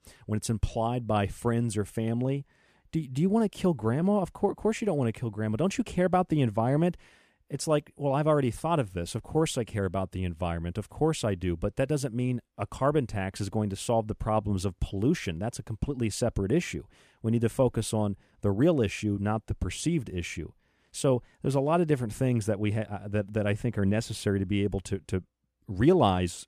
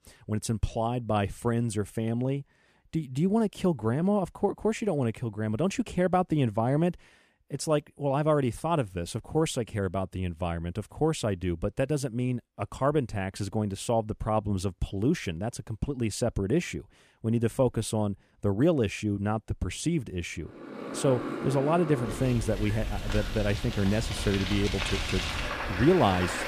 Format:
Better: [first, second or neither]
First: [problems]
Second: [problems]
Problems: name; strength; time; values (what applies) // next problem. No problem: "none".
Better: first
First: none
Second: traffic noise; loud; from 21 s on; 5 dB below the speech